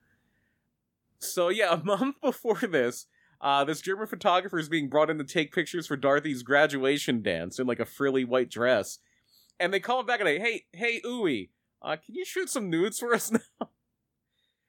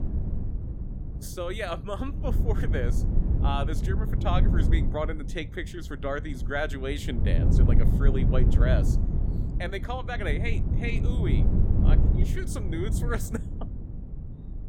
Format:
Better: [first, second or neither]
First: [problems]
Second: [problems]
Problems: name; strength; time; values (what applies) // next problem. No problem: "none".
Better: first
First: none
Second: low rumble; loud; throughout; 6 dB below the speech